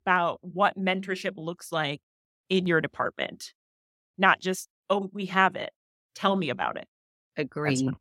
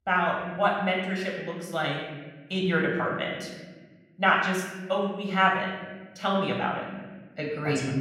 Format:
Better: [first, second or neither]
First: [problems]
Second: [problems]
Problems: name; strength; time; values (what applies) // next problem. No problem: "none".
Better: first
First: none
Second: off-mic speech; somewhat distant // room echo; noticeable; dies away in 1.3 s